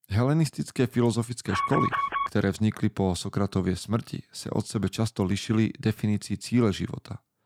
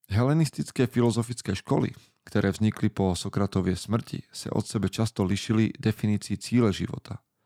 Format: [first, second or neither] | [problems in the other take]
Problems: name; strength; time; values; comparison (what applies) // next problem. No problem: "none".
second | alarm; loud; at 1.5 s; peak level with the speech